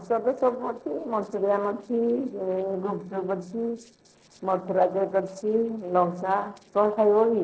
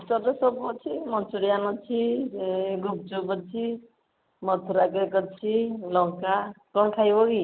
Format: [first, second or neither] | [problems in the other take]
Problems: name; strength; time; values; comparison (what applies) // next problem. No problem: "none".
second | noise reduction (neural separator model SepFormer DNS4)